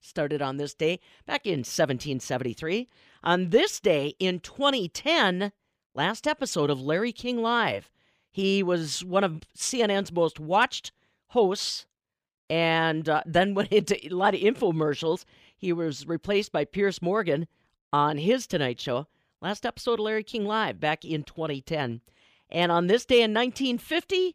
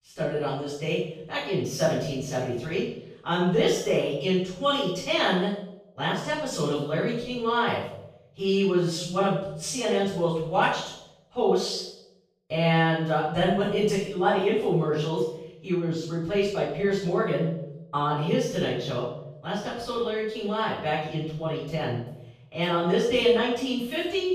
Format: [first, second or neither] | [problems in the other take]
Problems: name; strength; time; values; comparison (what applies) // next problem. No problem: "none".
first | room echo; noticeable; dies away in 0.7 s // off-mic speech; far